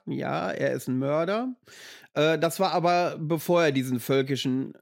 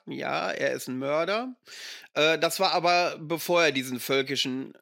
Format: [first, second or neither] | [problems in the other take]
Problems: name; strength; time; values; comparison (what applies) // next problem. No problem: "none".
first | thin; very slightly; fading below 500 Hz